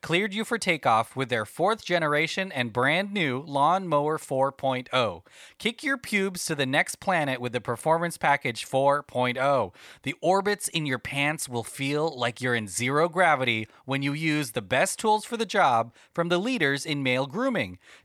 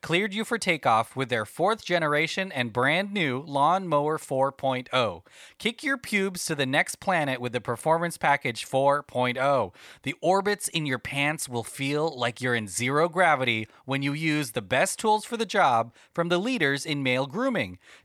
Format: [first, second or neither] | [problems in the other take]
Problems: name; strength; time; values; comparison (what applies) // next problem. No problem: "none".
neither | none